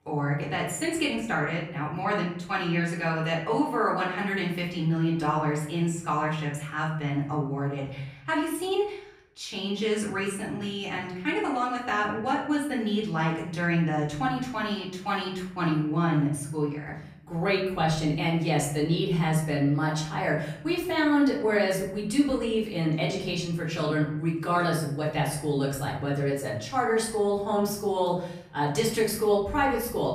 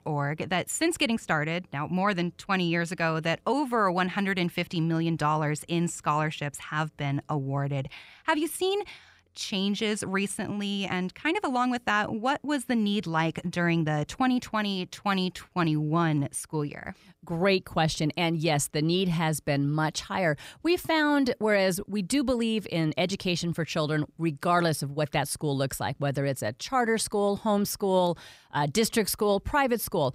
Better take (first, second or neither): second